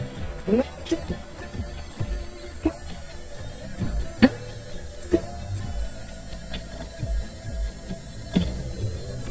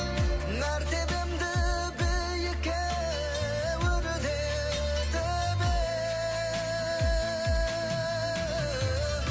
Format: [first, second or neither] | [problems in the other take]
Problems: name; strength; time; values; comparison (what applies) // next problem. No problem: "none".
second | noise reduction (neural mask model DeepFilterNet 3)